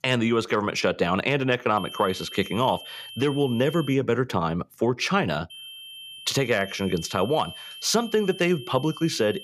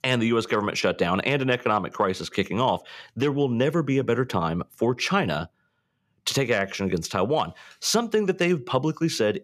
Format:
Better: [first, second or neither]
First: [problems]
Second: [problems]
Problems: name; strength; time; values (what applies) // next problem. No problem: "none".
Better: second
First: high-pitched whine; noticeable; from 2 to 4 s and from 5.5 s on; 3 kHz, 15 dB below the speech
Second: none